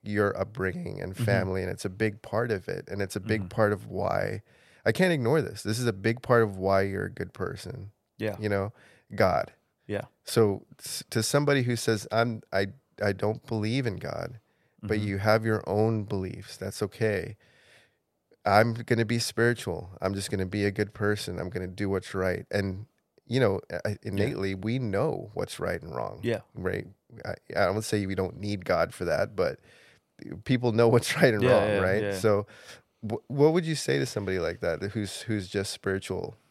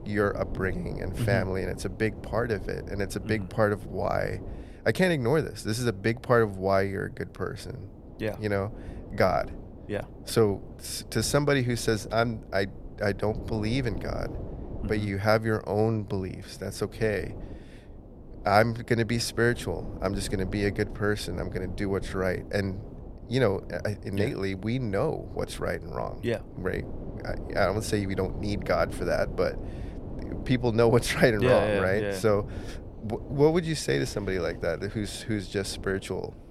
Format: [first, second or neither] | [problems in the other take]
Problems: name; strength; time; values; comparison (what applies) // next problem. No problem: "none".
first | wind noise on the microphone; occasional gusts; 20 dB below the speech